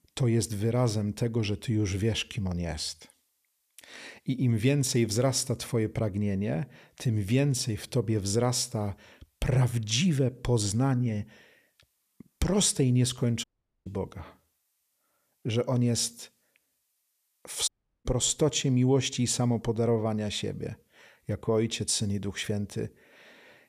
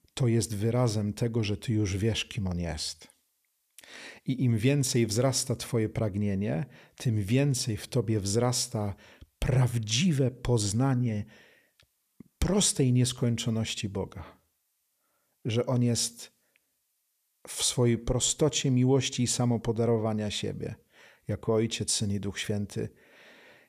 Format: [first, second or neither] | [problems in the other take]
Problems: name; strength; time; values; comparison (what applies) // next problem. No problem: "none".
second | audio cutting out; at 13 s and at 18 s